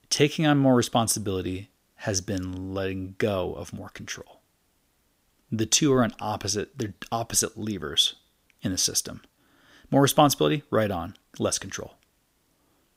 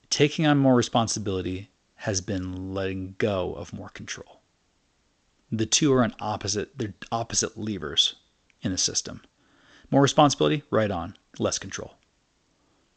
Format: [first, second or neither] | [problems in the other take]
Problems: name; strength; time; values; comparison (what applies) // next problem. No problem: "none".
first | garbled, watery; slightly